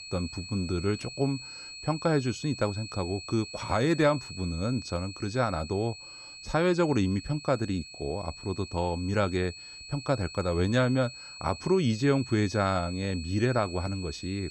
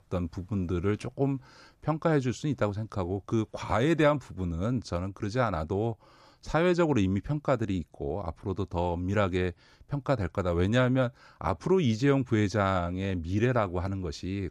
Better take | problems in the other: second | high-pitched whine; noticeable; throughout; 4.5 kHz, 10 dB below the speech

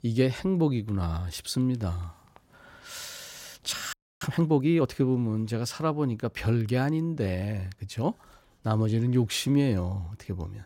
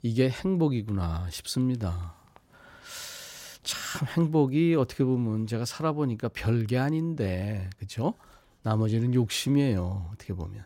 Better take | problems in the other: second | audio freezing; at 4 s

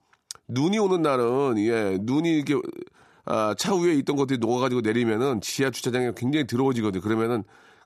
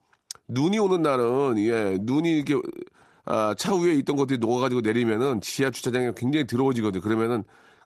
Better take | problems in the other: first | garbled, watery; slightly; nothing above 13.5 kHz

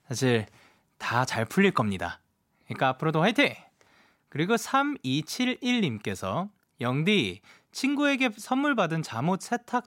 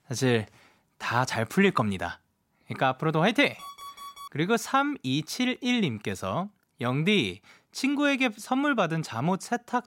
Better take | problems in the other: first | alarm; faint; at 3.5 s; peak 15 dB below the speech

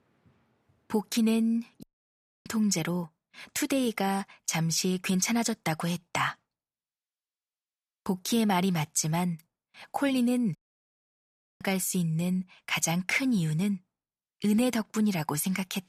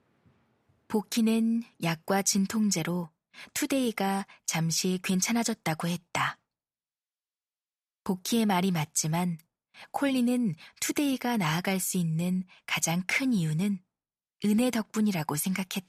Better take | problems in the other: second | audio cutting out; at 2 s for 0.5 s and at 11 s for 1 s

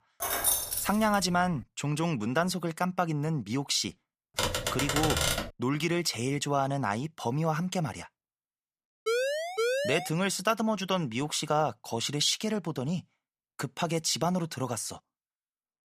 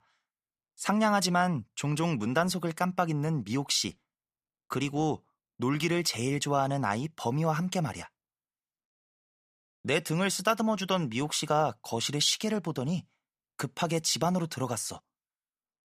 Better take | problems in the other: second | jangling keys; loud; at the start; peak 4 dB above the speech // keyboard typing; loud; from 4.5 to 5.5 s; peak 3 dB above the speech // siren; loud; from 9 to 10 s; peak 1 dB above the speech

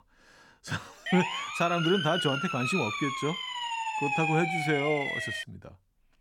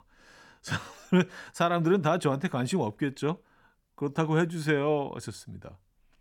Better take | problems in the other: second | siren; loud; from 1 to 5.5 s; peak 2 dB above the speech

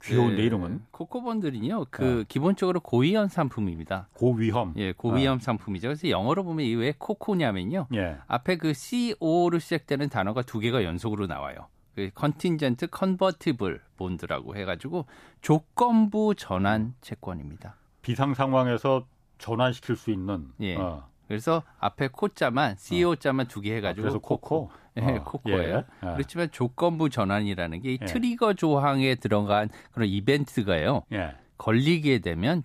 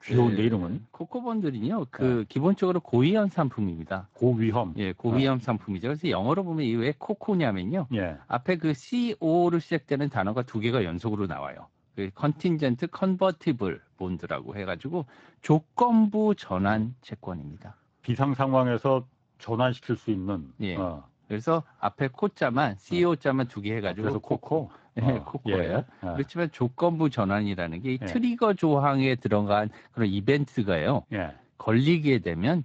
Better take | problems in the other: first | garbled, watery; slightly; nothing above 7.5 kHz

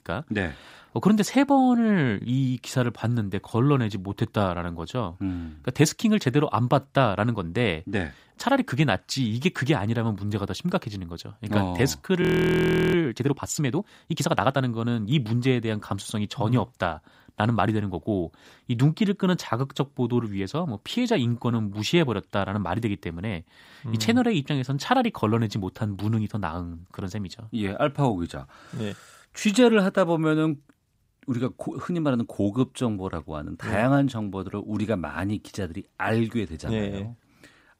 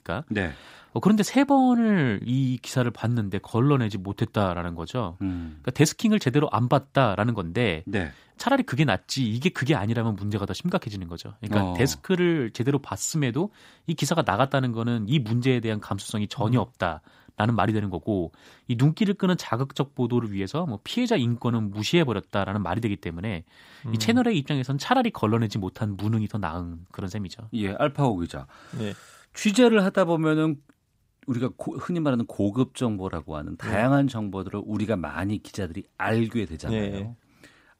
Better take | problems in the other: second | audio freezing; at 12 s for 0.5 s

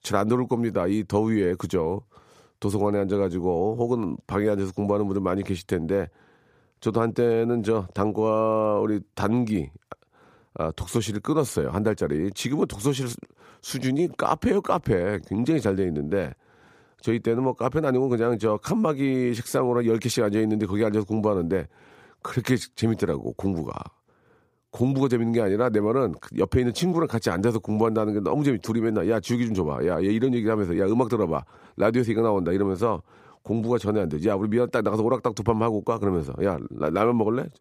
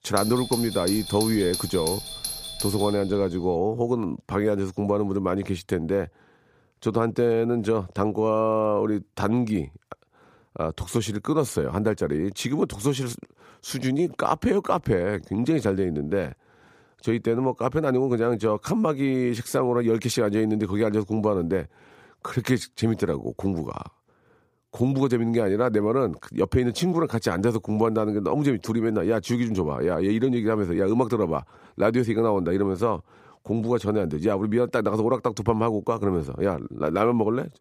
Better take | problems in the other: first | doorbell; noticeable; until 3.5 s; peak 4 dB below the speech

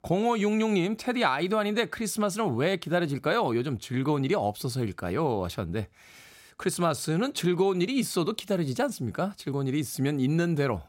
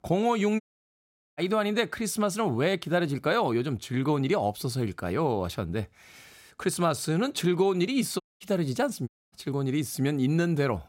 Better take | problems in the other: first | audio cutting out; at 0.5 s for 1 s, at 8 s and at 9 s

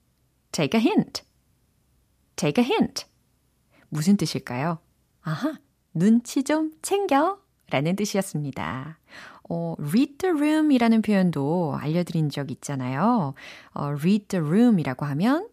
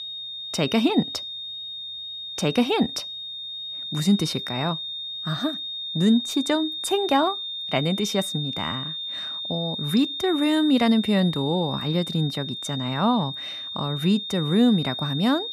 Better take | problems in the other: first | high-pitched whine; loud; throughout; 3.5 kHz, 6 dB below the speech

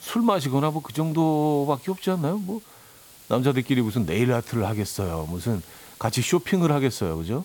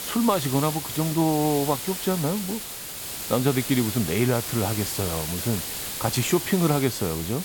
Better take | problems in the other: first | hiss; loud; throughout; 5 dB below the speech; faint in the first

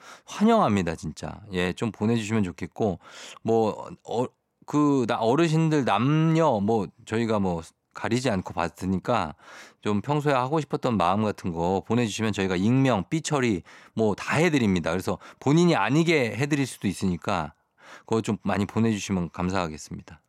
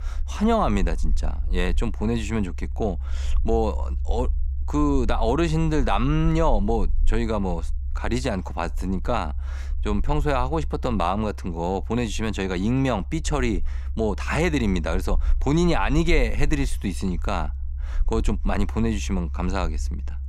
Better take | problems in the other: first | low rumble; faint; throughout; 25 dB below the speech

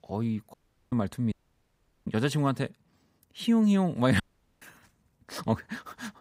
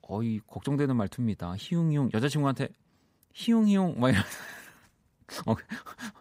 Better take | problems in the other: second | audio cutting out; at 0.5 s, at 1.5 s for 0.5 s and at 4 s

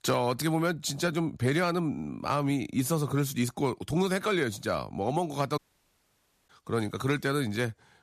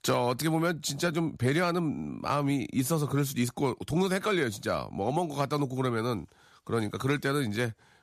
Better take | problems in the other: second | audio cutting out; at 5.5 s for 1 s

